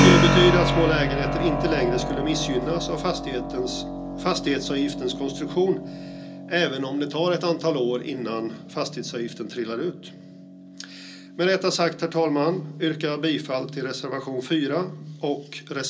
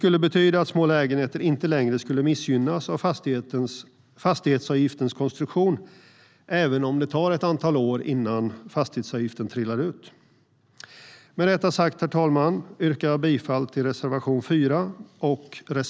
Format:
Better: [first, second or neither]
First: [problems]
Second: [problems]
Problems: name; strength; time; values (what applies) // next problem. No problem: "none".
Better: second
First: background sound (Keyboard (musical)); 3 dB below the speech // room echo; dies away in 0.2 s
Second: none